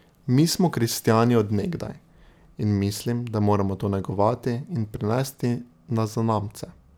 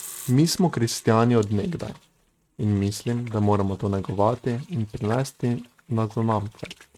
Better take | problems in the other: first | noise reduction (neural mask model RNNoise)

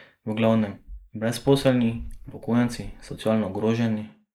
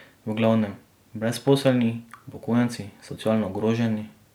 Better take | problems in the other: second | noise reduction (neural mask model Resemble Enhance denoiser)

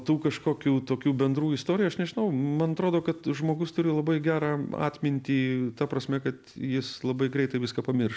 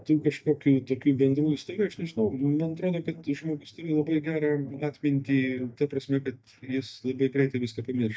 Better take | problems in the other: first | noise reduction (neural mask model DeepFilterNet 3)

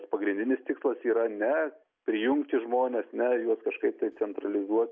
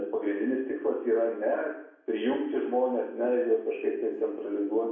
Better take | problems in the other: first | room echo; dies away in 0.7 s

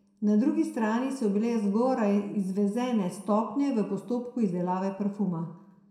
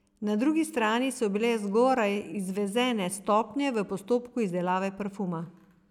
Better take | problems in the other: second | room echo; dies away in 0.5 s

